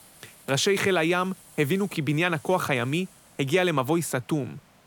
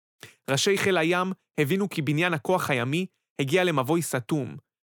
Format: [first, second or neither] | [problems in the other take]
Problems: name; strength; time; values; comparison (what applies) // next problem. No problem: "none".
second | hiss; faint; throughout; 25 dB below the speech